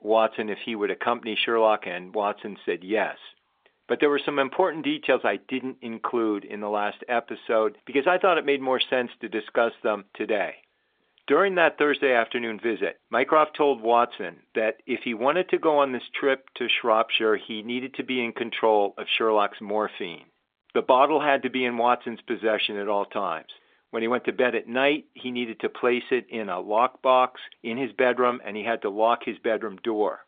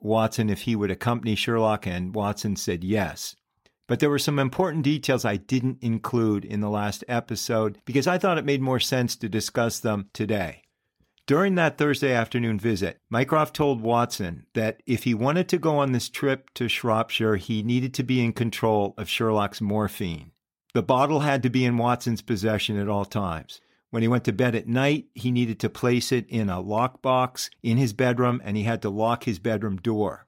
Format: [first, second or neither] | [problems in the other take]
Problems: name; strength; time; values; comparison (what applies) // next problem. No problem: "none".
second | phone-call audio; nothing above 3.5 kHz